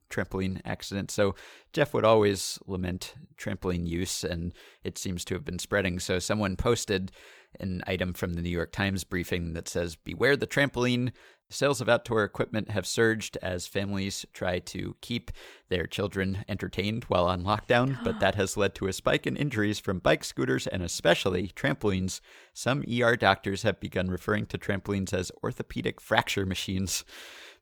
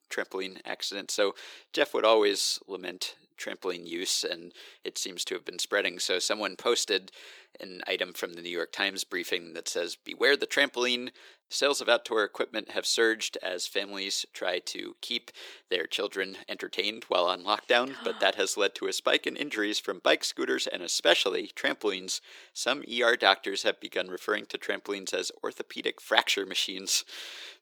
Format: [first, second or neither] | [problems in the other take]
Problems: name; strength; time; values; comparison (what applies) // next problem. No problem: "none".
first | thin; somewhat; fading below 350 Hz